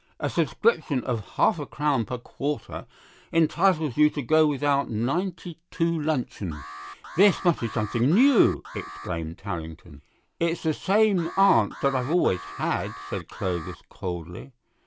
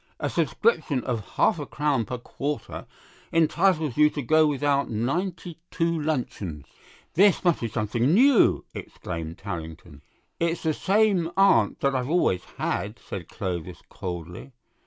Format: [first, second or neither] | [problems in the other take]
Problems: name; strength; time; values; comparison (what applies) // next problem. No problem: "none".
second | background sound (Alarm); 15 dB below the speech